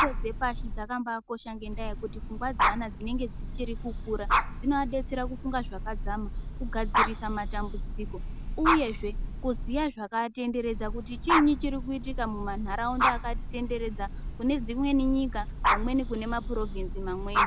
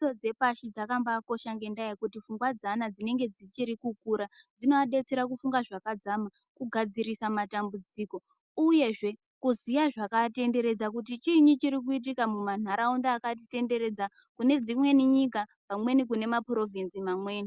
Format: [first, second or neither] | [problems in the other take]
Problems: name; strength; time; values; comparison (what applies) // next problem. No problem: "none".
second | background sound (Bird / Breathing + Dog); 1 dB above the speech